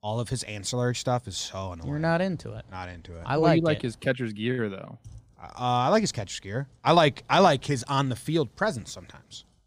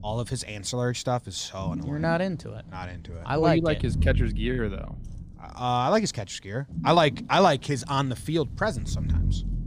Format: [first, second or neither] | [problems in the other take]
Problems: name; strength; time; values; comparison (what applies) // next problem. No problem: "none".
first | low rumble; noticeable; throughout; 20 dB below the speech